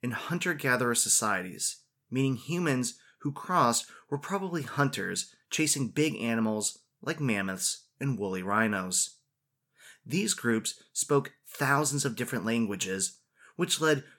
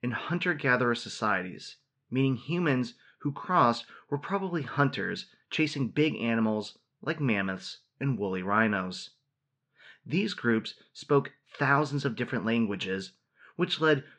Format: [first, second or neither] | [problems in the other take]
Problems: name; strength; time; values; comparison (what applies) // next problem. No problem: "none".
first | muffled; slightly; fading above 4 kHz